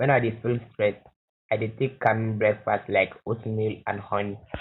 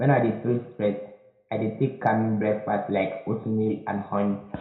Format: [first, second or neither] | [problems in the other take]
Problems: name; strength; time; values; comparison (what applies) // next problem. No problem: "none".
first | room echo; dies away in 0.6 s